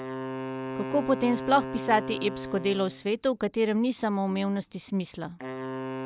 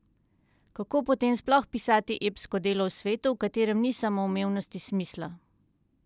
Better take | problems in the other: second | background sound (Wind instrument, woodwind instrument); 9 dB below the speech

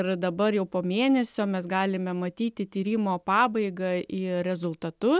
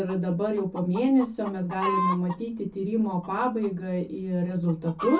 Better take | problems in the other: first | background sound (Chicken, rooster); 9 dB below the speech // room echo; dies away in 0.3 s

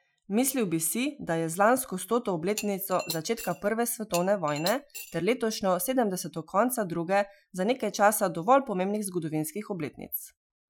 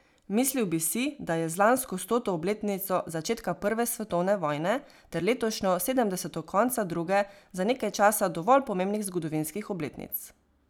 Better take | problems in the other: second | noise reduction (classical method Wiener filter)

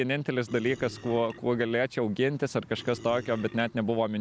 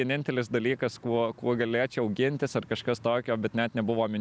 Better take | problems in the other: second | background sound (Burping, eructation); 19 dB below the speech

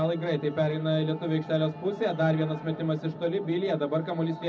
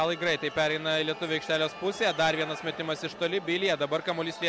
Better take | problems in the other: second | room echo; dies away in 0.4 s

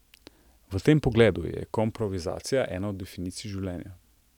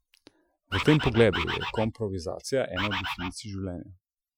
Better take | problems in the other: first | noise reduction (classical method Wiener filter)

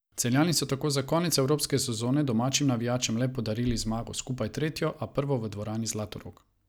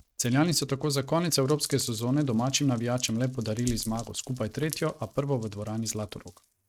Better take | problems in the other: first | noise reduction (neural mask model RNNoise)

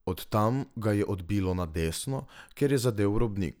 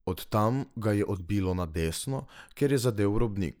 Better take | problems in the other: first | noise reduction (neural mask model Resemble Enhance denoiser)

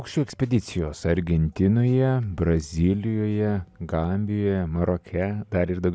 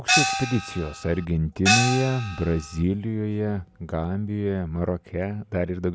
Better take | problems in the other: first | background sound (Gong); as loud as the speech

